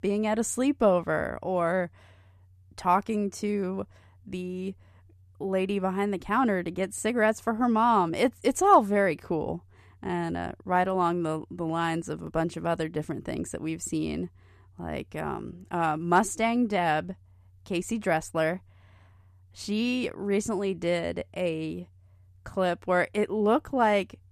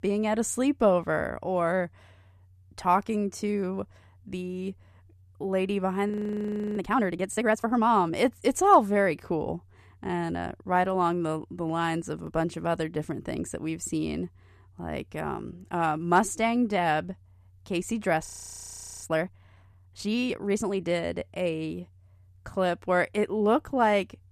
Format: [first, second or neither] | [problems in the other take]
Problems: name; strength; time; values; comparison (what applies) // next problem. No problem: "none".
first | audio freezing; at 6 s for 0.5 s and at 18 s for 1 s